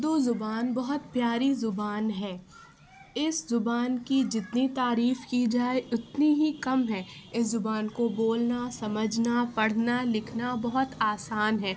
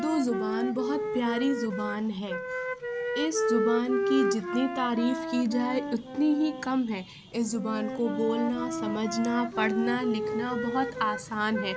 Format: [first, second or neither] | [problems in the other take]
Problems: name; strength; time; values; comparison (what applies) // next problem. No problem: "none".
first | background sound (Wind instrument, woodwind instrument); 3 dB below the speech